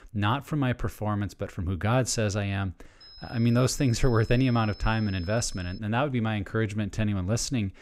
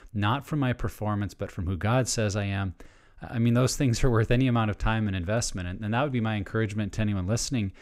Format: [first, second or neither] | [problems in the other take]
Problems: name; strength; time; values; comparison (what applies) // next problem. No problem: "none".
second | high-pitched whine; faint; from 3 to 6 s; 5 kHz, 20 dB below the speech